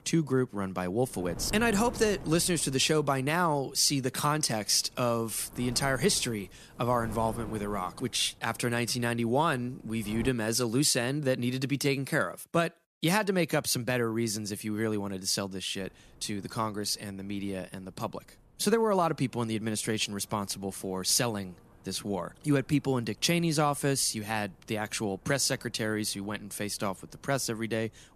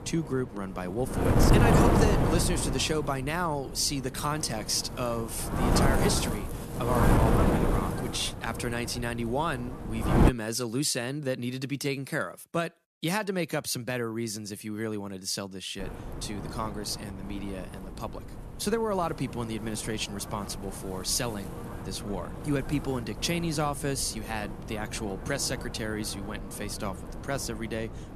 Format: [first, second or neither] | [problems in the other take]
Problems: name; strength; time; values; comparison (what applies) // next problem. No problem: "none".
first | wind noise on the microphone; heavy; until 10 s and from 16 s on; 1 dB below the speech; occasional gusts in the first